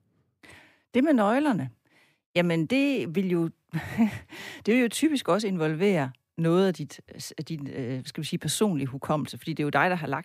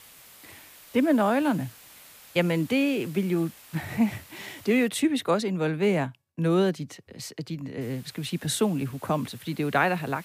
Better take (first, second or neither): first